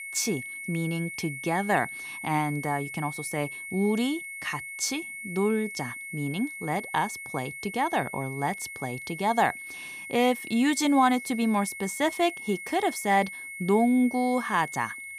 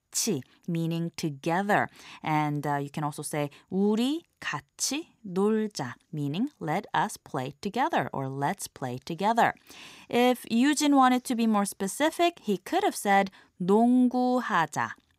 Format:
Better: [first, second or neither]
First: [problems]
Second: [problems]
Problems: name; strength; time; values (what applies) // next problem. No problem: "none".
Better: second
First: high-pitched whine; loud; throughout; 2 kHz, 9 dB below the speech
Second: none